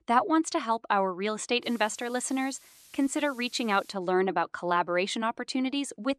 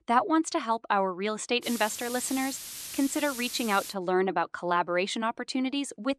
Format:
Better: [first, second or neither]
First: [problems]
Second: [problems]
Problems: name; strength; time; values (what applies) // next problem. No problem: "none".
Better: first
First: hiss; faint; from 1.5 to 4 s; 25 dB below the speech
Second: hiss; loud; from 1.5 to 4 s; 9 dB below the speech